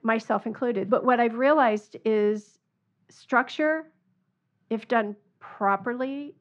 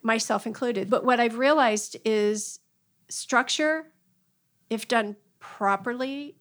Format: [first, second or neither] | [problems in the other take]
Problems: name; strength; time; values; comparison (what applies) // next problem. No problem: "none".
second | muffled; very; fading above 2 kHz